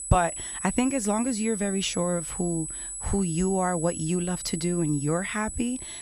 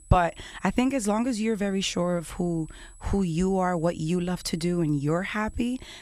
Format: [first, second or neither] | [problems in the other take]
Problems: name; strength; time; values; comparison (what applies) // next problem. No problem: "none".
second | high-pitched whine; loud; throughout; 8 kHz, 6 dB below the speech; faint in the second